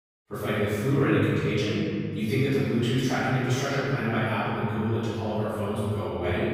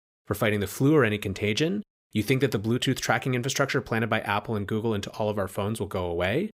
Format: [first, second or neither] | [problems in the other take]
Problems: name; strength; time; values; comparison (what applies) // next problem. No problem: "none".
second | room echo; strong; dies away in 2.8 s // off-mic speech; far